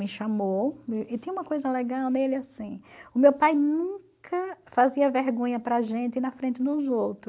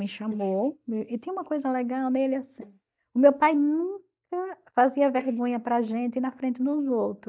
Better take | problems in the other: first | noise reduction (neural mask model DeepFilterNet 3)

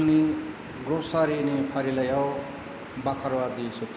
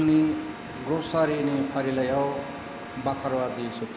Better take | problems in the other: first | background sound (Bowed string instrument); 18 dB below the speech

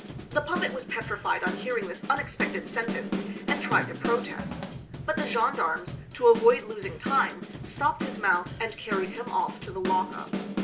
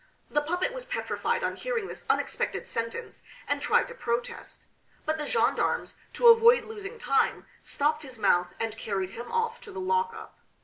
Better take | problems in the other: second | background sound (Drum / Drum kit); 7 dB below the speech

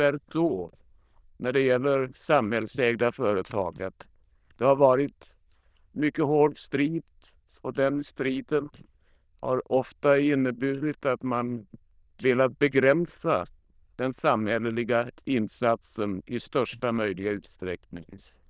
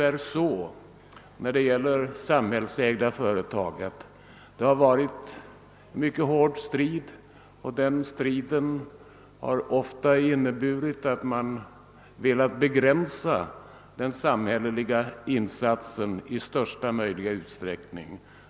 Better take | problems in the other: second | noise reduction (neural diffusion model UNIVERSE++)

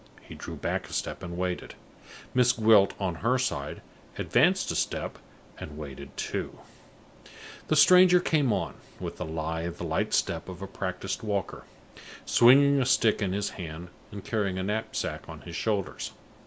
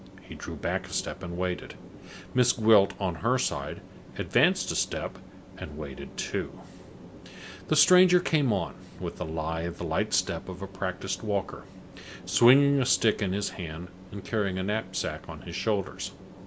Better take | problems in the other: first | background sound (Train); 18 dB below the speech

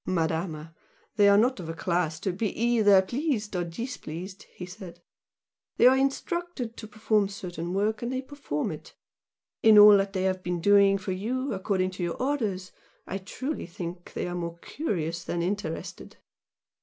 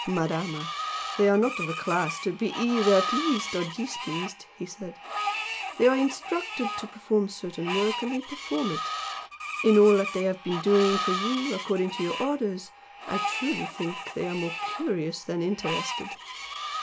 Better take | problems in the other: first | background sound (Screech); 6 dB below the speech

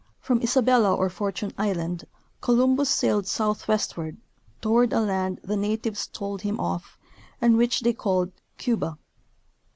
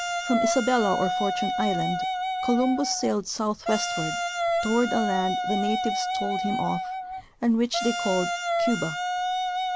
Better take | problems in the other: first | background sound (Wind instrument, woodwind instrument); 1 dB below the speech

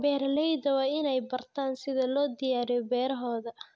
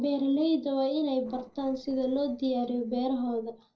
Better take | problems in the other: first | noise reduction (neural separator model SepFormer DNS4)

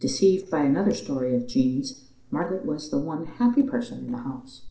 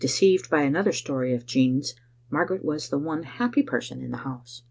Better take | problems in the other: second | noise reduction (neural separator model SepFormer DNS4)

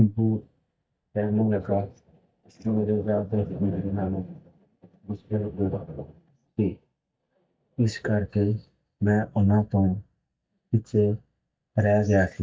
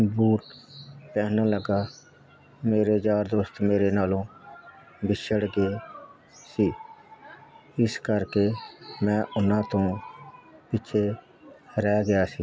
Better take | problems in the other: second | noise reduction (neural mask model DeepFilterNet 3)

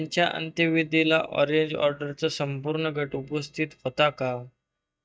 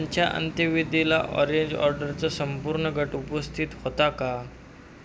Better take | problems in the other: second | noise reduction (neural mask model DeepFilterNet 3)

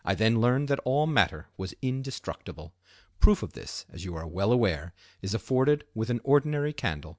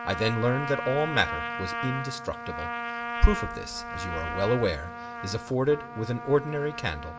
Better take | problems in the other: first | background sound (Trumpet); 7 dB below the speech // room echo; dies away in 0.3 s

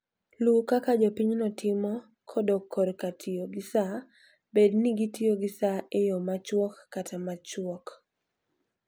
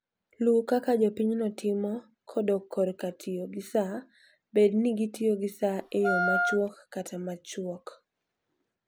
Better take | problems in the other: first | background sound (Wind instrument, woodwind instrument); 1 dB above the speech

